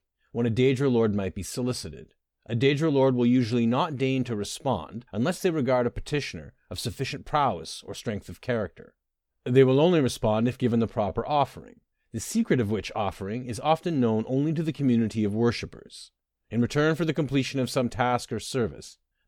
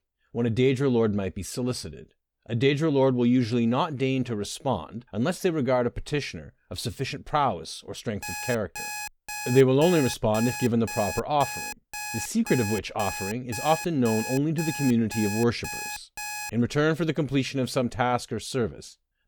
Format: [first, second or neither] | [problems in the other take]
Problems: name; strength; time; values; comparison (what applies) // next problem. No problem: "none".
first | alarm; noticeable; from 8 to 17 s; peak 6 dB below the speech